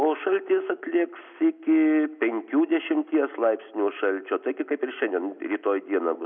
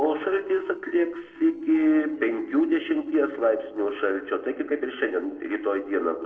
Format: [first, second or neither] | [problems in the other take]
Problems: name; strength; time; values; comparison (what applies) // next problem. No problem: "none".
first | noise reduction (neural separator model SepFormer DNS4)